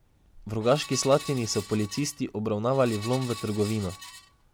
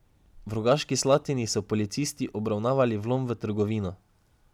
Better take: second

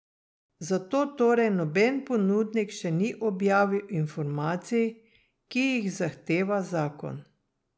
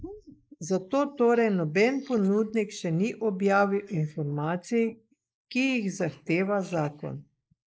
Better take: first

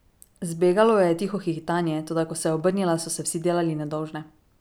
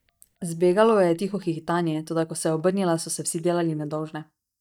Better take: first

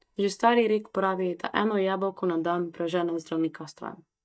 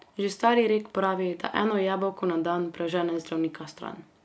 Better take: second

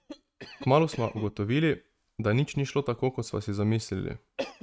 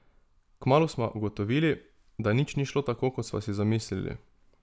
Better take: second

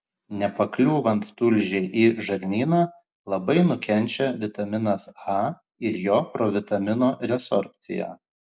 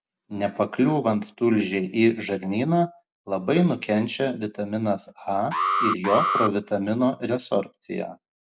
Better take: first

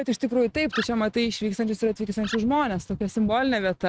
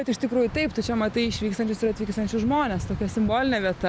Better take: second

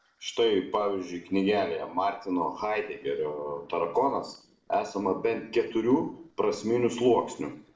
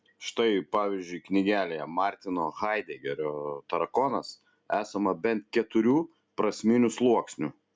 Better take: second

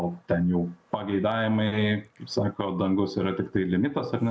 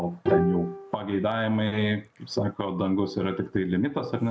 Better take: first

